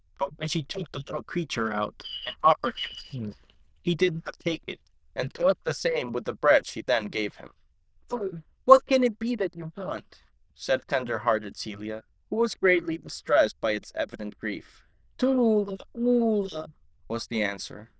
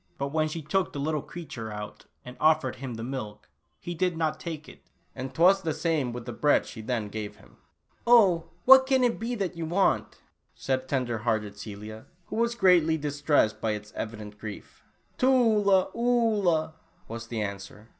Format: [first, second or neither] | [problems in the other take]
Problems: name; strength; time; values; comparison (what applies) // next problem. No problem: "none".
second | noise reduction (neural diffusion model UNIVERSE++)